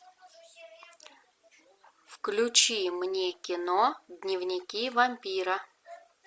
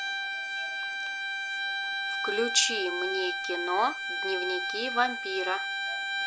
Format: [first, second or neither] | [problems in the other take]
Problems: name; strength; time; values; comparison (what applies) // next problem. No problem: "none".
first | background sound (Bowed string instrument); as loud as the speech